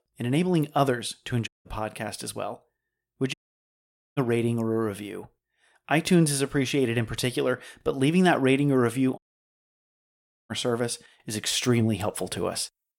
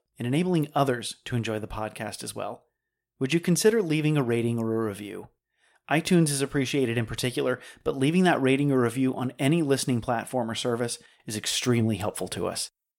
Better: second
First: audio cutting out; at 1.5 s, at 3.5 s for 1 s and at 9 s for 1.5 s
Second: none

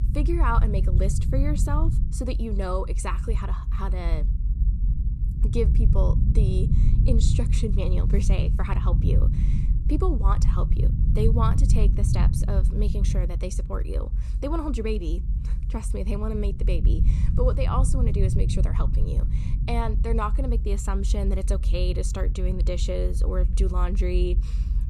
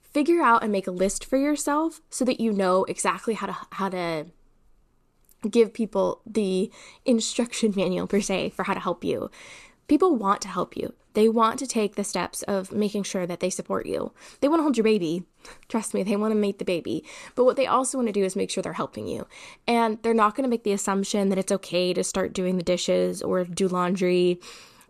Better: second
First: low rumble; loud; throughout; 8 dB below the speech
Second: none

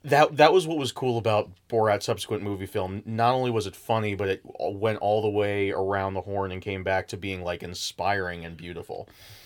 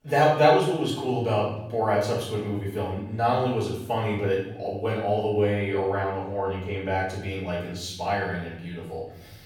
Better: first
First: none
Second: off-mic speech; far // room echo; noticeable; dies away in 1 s

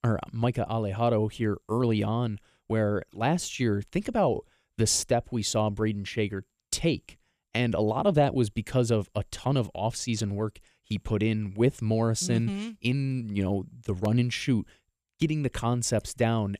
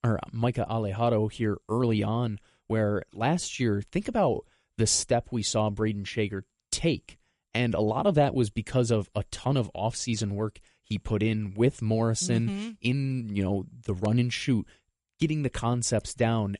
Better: first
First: none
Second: garbled, watery; slightly; nothing above 10.5 kHz

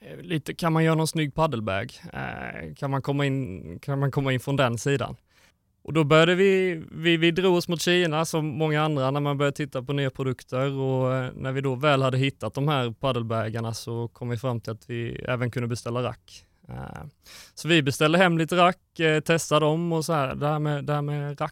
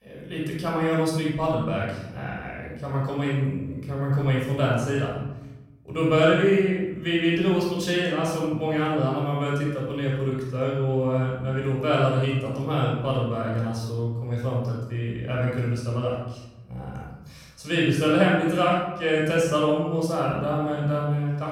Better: first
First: none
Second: off-mic speech; far // room echo; strong; dies away in 1 s

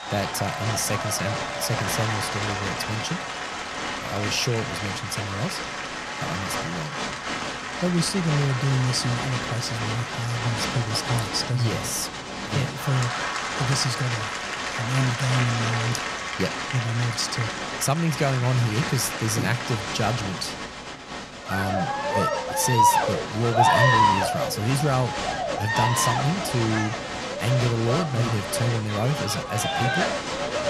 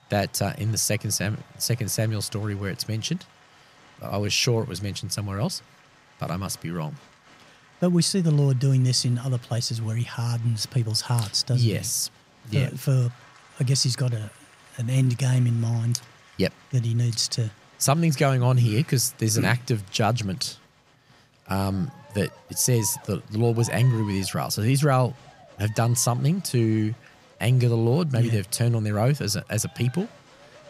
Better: second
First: crowd noise; loud; throughout; as loud as the speech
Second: crowd noise; faint; throughout; 25 dB below the speech

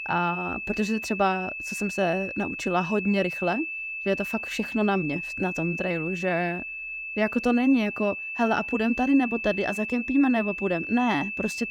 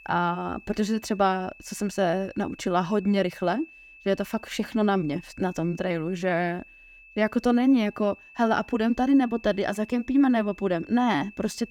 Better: second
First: high-pitched whine; loud; throughout; 2.5 kHz, 5 dB below the speech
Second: high-pitched whine; faint; throughout; 2.5 kHz, 20 dB below the speech

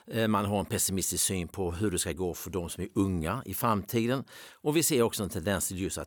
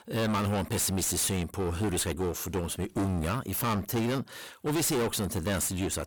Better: first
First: none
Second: distortion; heavy; 26% of the sound clipped

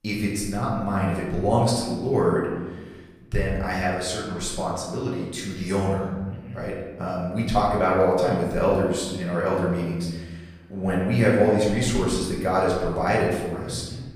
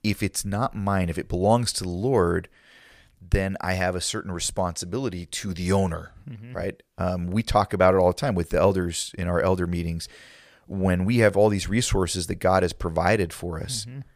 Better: second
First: room echo; noticeable; dies away in 1.2 s // off-mic speech; far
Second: none

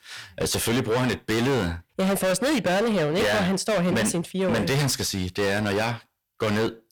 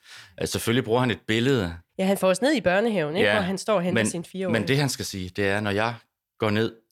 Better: second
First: distortion; heavy; 25% of the sound clipped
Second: none

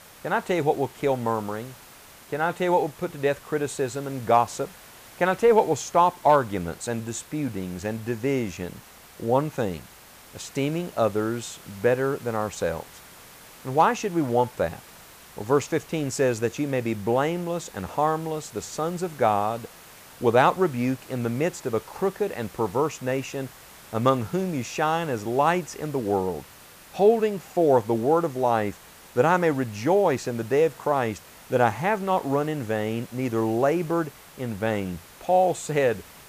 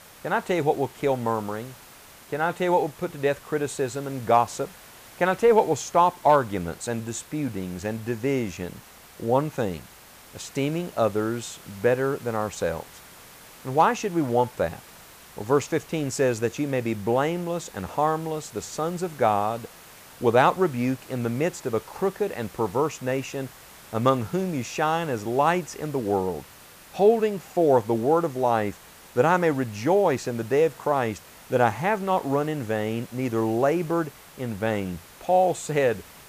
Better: neither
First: hiss; faint; throughout; 20 dB below the speech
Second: hiss; faint; throughout; 20 dB below the speech

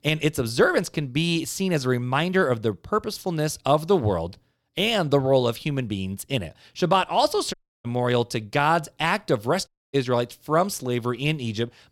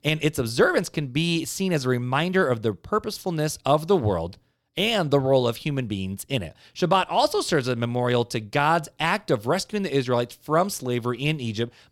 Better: second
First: audio cutting out; at 7.5 s and at 9.5 s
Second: none

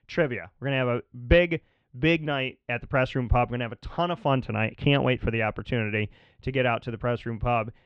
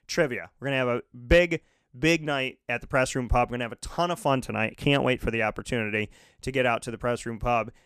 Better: second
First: muffled; slightly; fading above 3.5 kHz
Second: none

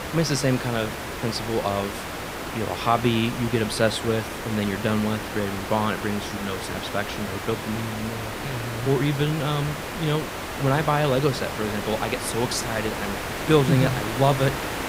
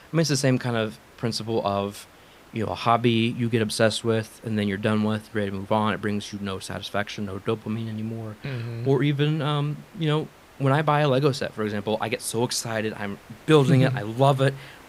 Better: second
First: hiss; loud; throughout; 6 dB below the speech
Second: hiss; faint; throughout; 25 dB below the speech

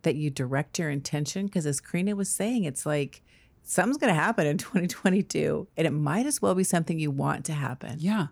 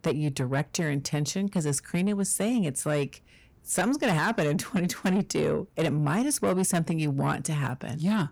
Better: first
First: none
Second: distortion; slight; 10 dB below the speech

